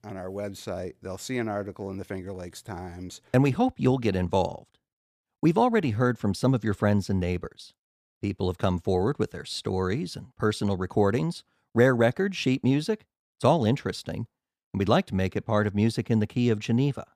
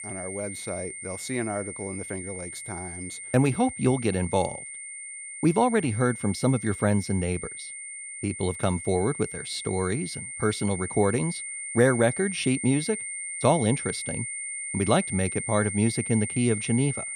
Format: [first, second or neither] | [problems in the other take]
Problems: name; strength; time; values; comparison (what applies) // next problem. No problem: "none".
first | high-pitched whine; loud; throughout; 9 kHz, 7 dB below the speech